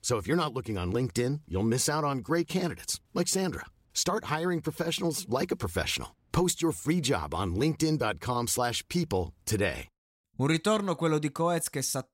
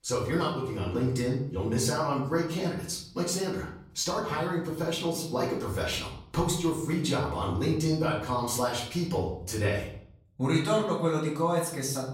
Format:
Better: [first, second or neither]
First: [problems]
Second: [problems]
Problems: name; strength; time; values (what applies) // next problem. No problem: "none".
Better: first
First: none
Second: off-mic speech; far // room echo; noticeable; dies away in 0.6 s